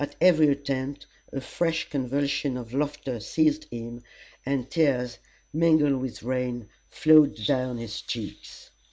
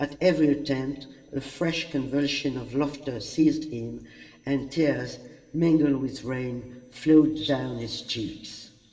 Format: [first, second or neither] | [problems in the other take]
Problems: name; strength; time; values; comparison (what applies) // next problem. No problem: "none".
first | room echo; dies away in 2.3 s